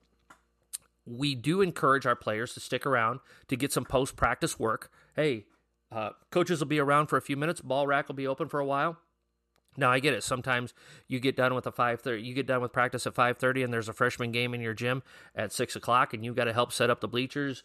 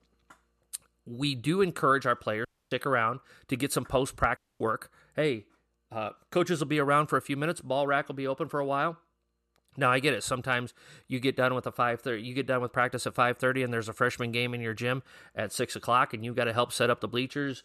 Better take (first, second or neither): first